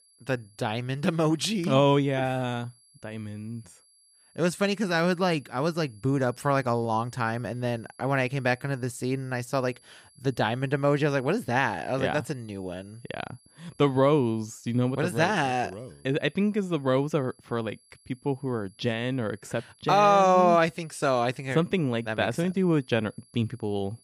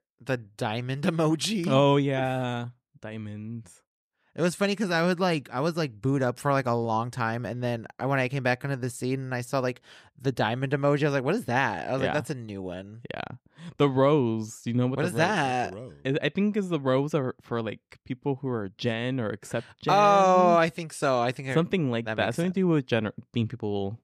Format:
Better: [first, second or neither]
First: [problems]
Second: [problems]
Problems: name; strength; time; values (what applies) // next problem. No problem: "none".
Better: second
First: high-pitched whine; faint; throughout; 11 kHz, 30 dB below the speech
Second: none